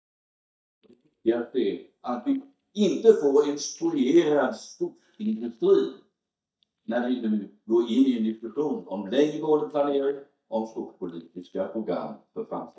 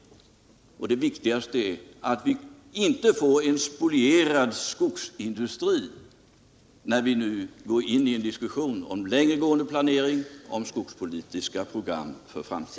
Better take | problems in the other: second | noise reduction (neural mask model DeepFilterNet 3)

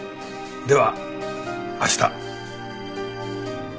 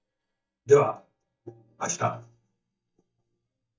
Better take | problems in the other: first | noise reduction (neural mask model DeepFilterNet 3)

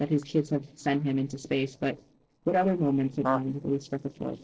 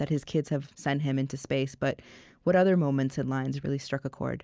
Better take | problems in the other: second | noise reduction (neural separator model SepFormer DNS4)

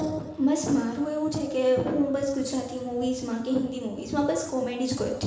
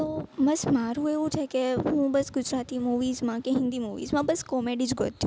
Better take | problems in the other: second | room echo; dies away in 0.9 s

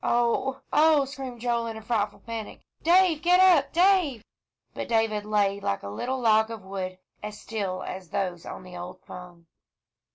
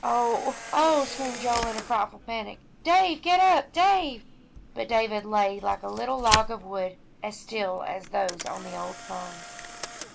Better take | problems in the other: first | background sound (Camera); 11 dB below the speech

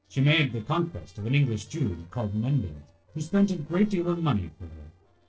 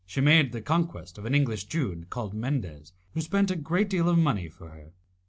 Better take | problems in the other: second | noise reduction (neural separator model SepFormer DNS4)

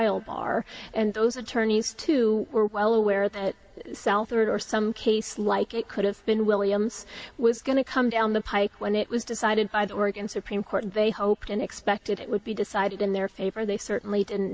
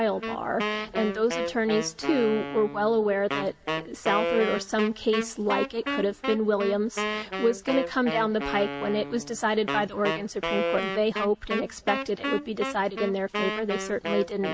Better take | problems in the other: first | background sound (Wind instrument, woodwind instrument); 5 dB below the speech

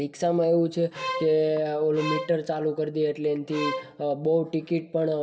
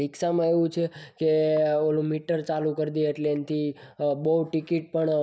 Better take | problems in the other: second | background sound (Bowed string instrument); 9 dB below the speech // room echo; dies away in 2.4 s

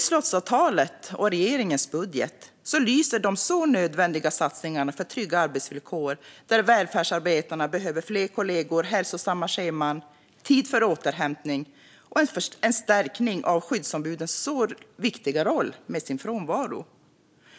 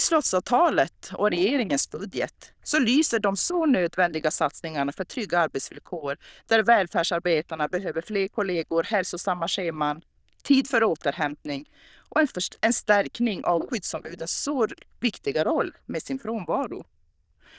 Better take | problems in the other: first | noise reduction (neural diffusion model UNIVERSE++)

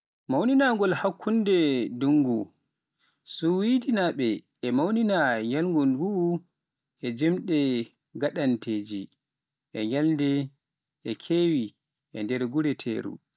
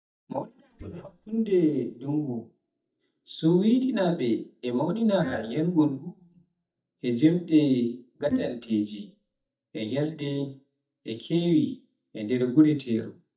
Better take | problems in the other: first | noise reduction (neural mask model DeepFilterNet 3)

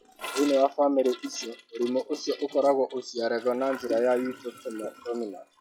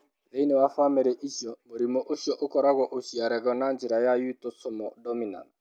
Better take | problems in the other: second | noise reduction (classical method log-MMSE)

